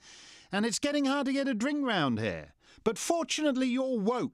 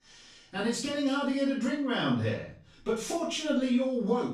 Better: first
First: none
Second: room echo; noticeable; dies away in 0.4 s // off-mic speech; far

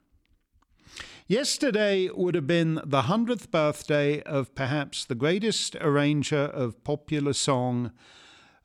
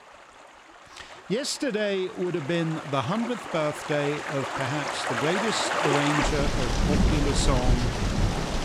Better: first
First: none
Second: rain or running water; very loud; throughout; 1 dB above the speech

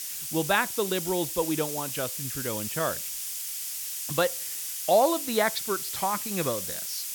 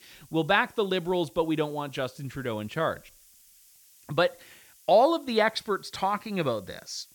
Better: second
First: hiss; loud; throughout; 3 dB below the speech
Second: hiss; faint; throughout; 25 dB below the speech

